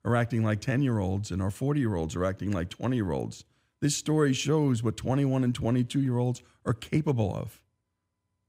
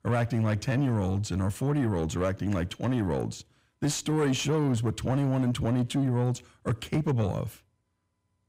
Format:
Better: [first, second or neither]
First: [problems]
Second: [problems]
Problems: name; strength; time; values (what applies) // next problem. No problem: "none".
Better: first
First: none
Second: distortion; slight; 10 dB below the speech